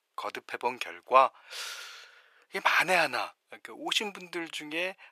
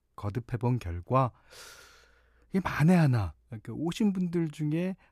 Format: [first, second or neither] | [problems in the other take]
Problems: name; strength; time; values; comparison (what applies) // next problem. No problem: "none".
second | thin; very; fading below 550 Hz